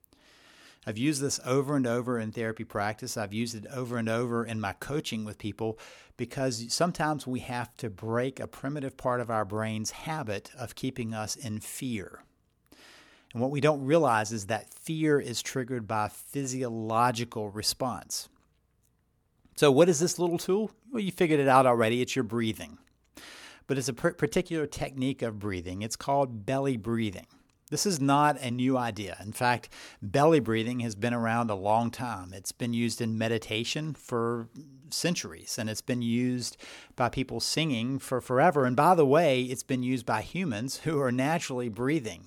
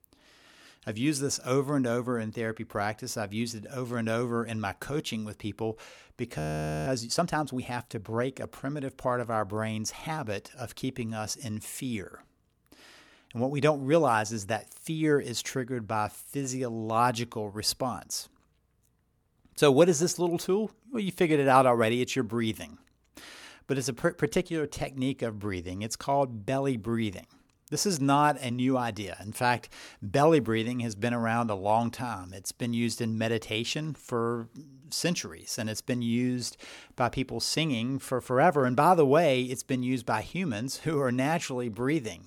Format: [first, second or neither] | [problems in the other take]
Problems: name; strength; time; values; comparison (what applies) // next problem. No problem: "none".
first | audio freezing; at 6.5 s